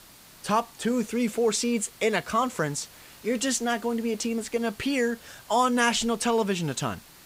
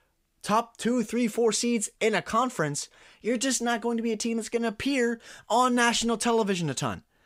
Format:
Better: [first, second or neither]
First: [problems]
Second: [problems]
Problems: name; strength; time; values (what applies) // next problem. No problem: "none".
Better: second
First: hiss; faint; throughout; 20 dB below the speech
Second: none